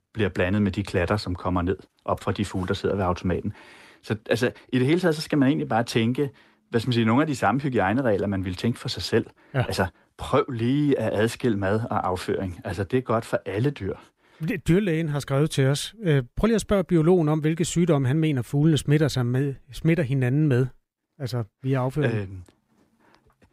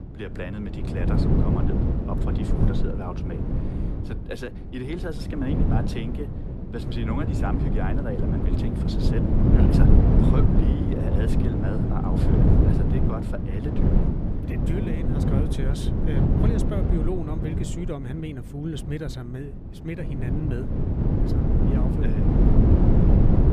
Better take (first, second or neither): first